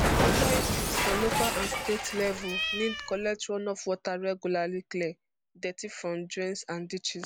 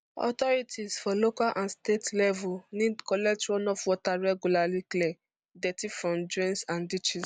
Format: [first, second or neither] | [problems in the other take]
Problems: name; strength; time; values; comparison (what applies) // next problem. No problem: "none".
second | background sound (Cat); 1 dB above the speech